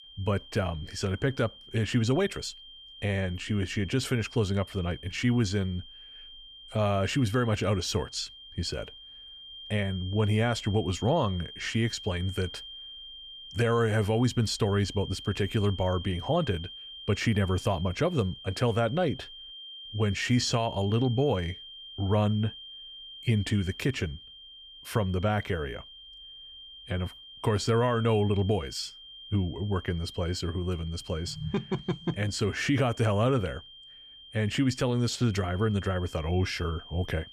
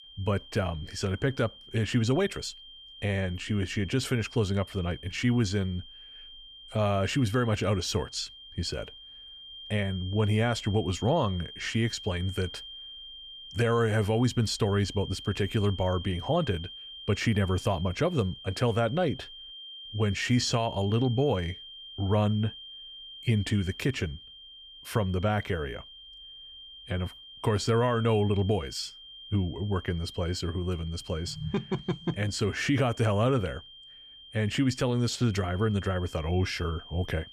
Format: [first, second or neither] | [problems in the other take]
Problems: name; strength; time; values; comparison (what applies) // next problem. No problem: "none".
neither | high-pitched whine; noticeable; throughout; 3 kHz, 15 dB below the speech; the same in both